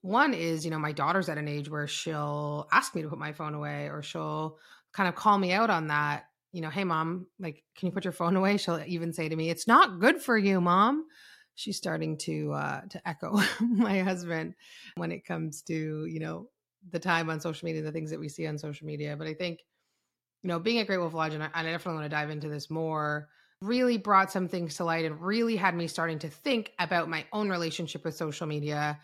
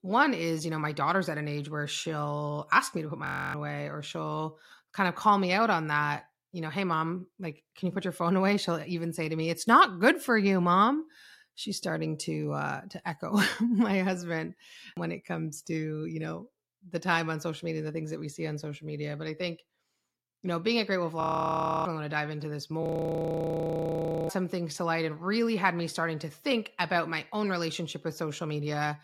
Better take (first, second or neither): first